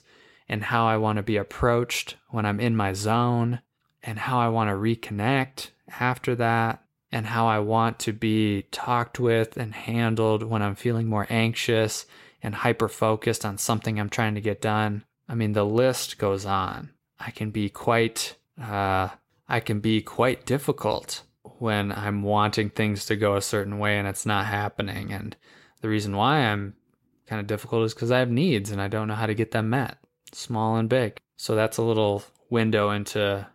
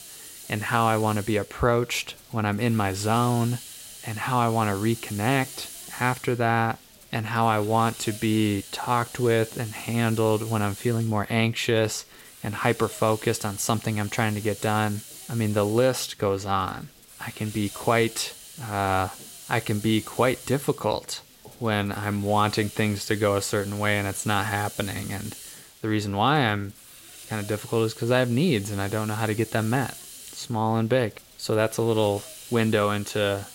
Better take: first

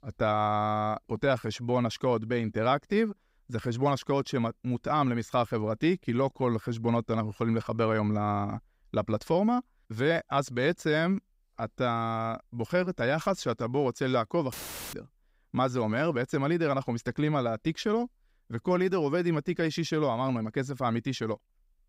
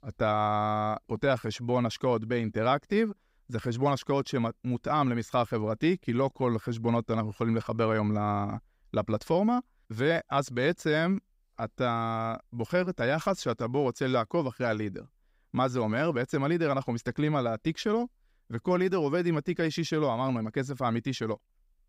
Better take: second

